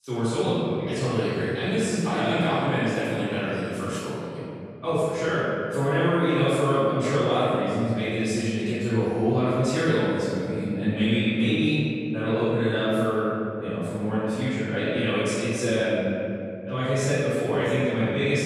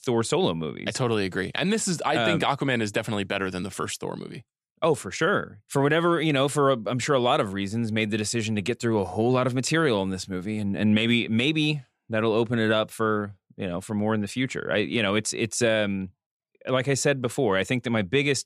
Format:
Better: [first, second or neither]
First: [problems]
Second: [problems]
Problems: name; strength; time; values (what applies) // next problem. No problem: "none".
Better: second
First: off-mic speech; far // room echo; strong; dies away in 2.6 s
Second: none